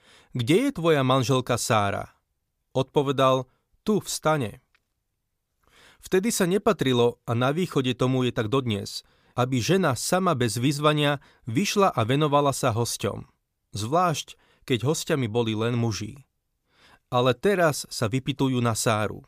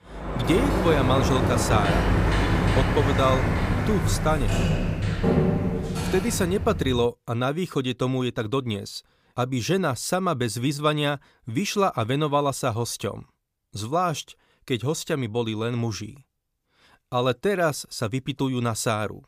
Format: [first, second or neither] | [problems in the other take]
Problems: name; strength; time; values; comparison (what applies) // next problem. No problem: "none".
first | door banging; loud; until 7 s; peak 4 dB above the speech